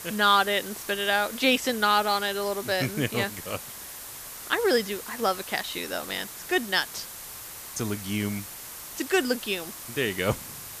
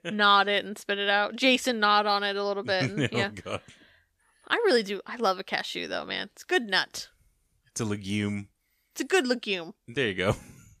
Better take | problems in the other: second | hiss; noticeable; throughout; 10 dB below the speech

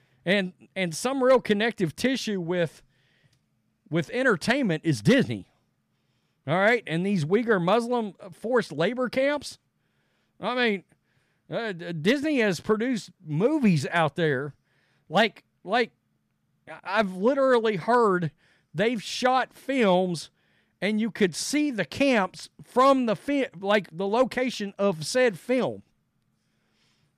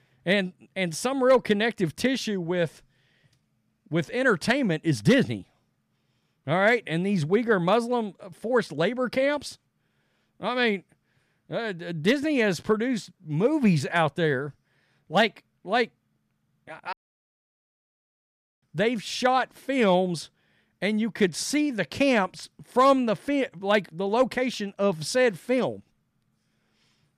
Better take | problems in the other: first | audio cutting out; at 17 s for 1.5 s

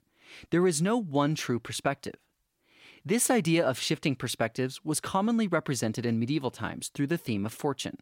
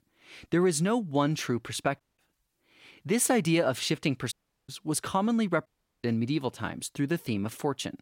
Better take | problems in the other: first | audio cutting out; at 2 s, at 4.5 s and at 5.5 s

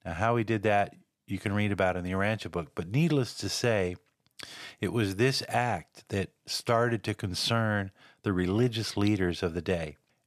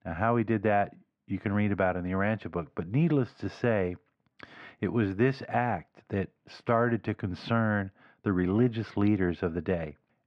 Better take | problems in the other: first | muffled; very; fading above 1.5 kHz

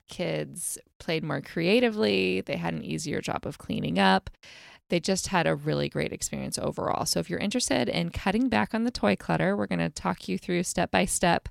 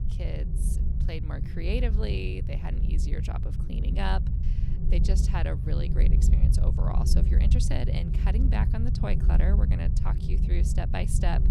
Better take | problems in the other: first | low rumble; loud; throughout; 4 dB below the speech

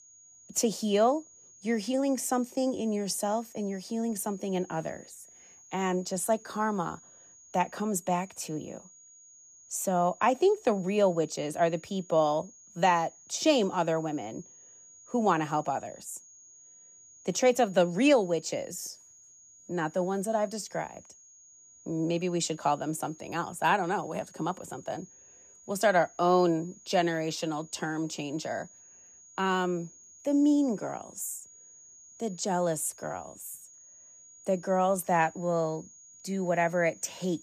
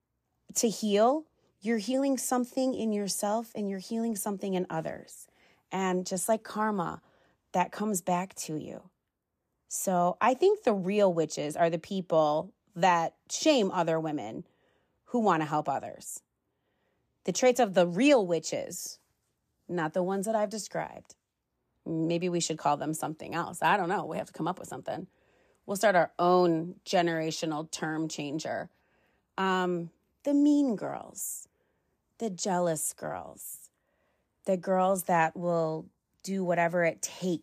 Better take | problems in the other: second | high-pitched whine; faint; throughout; 6.5 kHz, 20 dB below the speech

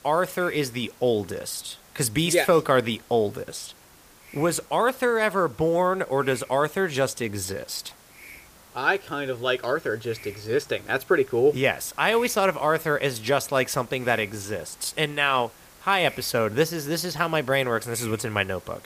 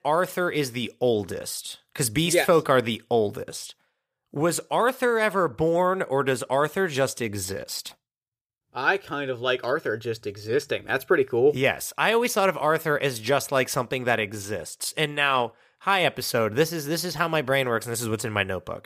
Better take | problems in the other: second | hiss; faint; throughout; 25 dB below the speech

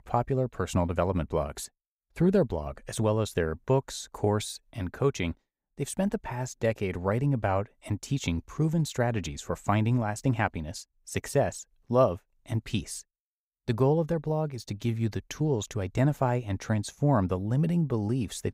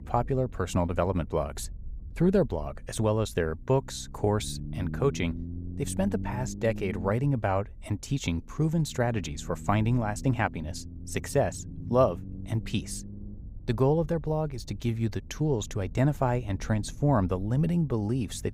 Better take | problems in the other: first | low rumble; noticeable; throughout; 20 dB below the speech

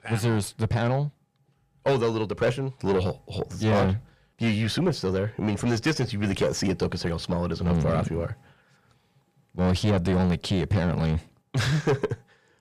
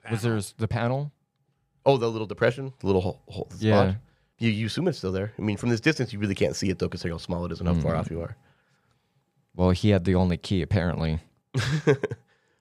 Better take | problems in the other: second | distortion; heavy; 7 dB below the speech

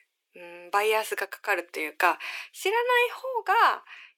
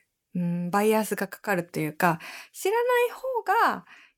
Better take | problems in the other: second | thin; very; fading below 350 Hz

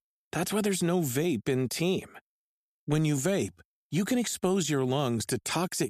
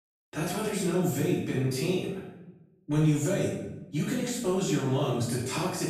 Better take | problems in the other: first | off-mic speech; far // room echo; noticeable; dies away in 0.8 s

